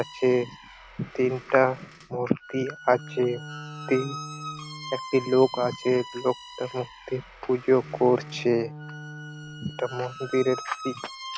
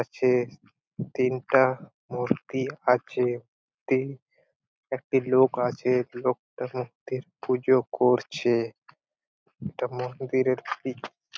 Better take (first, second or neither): second